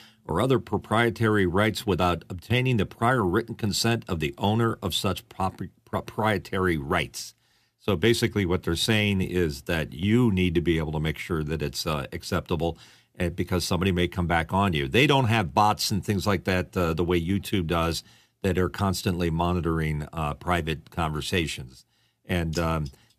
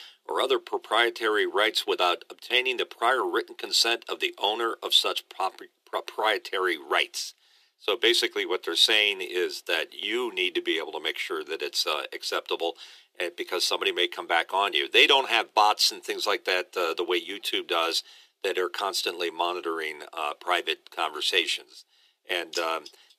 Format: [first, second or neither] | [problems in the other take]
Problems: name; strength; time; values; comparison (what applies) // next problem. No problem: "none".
first | thin; very; fading below 350 Hz